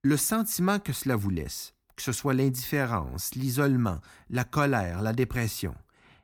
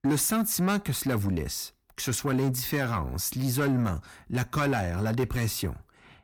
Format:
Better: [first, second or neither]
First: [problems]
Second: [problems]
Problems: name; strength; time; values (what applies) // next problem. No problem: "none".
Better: first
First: none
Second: distortion; slight; 10 dB below the speech